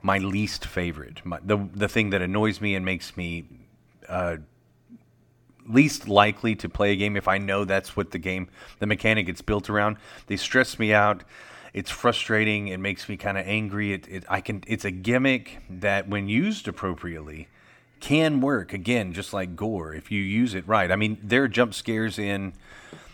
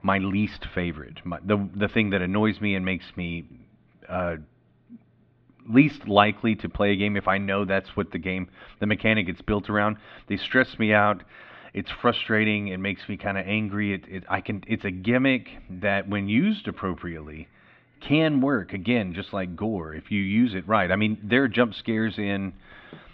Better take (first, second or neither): first